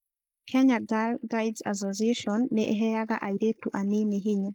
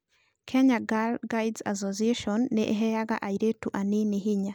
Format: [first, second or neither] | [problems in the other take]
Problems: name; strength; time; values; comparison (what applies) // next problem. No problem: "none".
second | noise reduction (neural mask model Resemble Enhance denoiser)